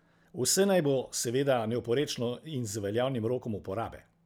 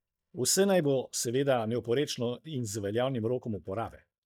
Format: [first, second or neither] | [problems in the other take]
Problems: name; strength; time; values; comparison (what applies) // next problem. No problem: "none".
first | noise reduction (neural mask model DeepFilterNet 3)